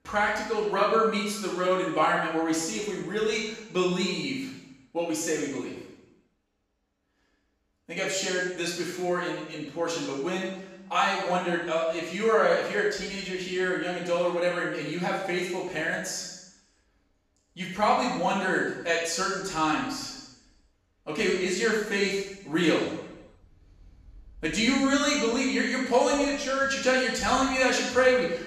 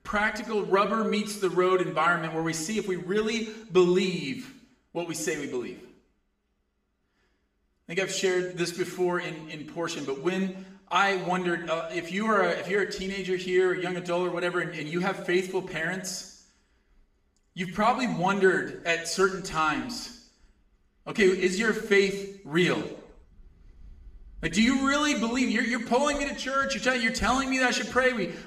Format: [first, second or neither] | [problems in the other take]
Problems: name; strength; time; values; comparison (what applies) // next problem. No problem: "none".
second | room echo; strong; dies away in 0.9 s; slight in the second // off-mic speech; far; somewhat distant in the second